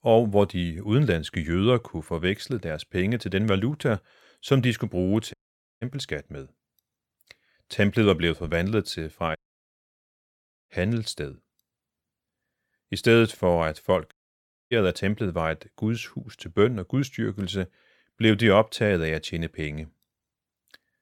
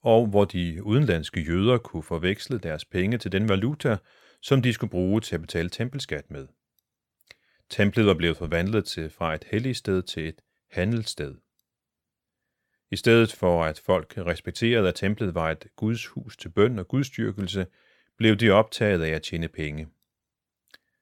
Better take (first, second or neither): second